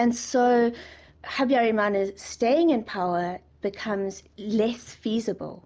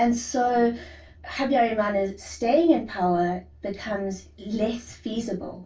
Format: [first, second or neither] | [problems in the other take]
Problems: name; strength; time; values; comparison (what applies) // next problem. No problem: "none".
first | room echo; dies away in 0.2 s